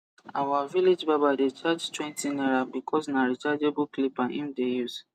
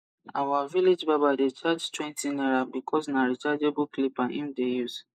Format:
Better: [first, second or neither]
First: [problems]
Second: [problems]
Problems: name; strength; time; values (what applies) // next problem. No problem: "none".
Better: first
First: none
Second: noise reduction (neural mask model Resemble Enhance denoiser)